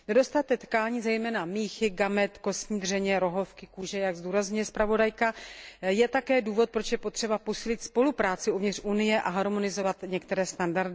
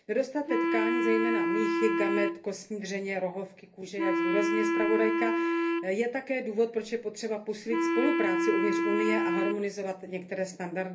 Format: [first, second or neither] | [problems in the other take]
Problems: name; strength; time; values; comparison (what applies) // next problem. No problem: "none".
first | background sound (Wind instrument, woodwind instrument); 3 dB above the speech // room echo; dies away in 0.3 s